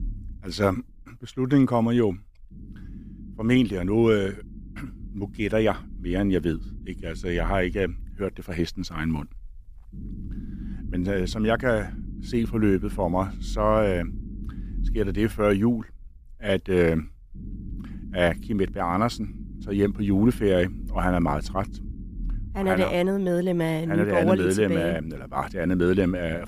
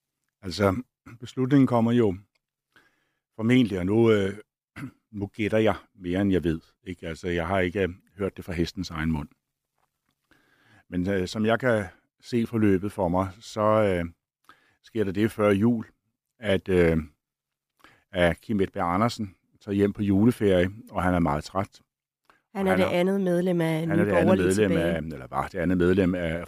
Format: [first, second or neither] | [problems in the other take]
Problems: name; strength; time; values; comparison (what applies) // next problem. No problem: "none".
second | low rumble; faint; throughout; 25 dB below the speech